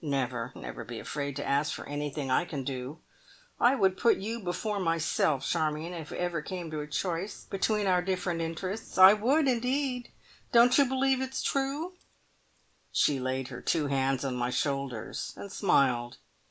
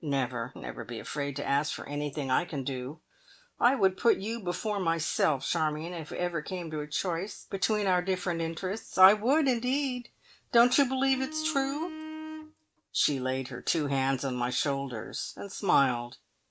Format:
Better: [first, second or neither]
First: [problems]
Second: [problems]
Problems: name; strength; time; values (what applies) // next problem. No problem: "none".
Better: first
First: none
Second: noise reduction (neural mask model RNNoise)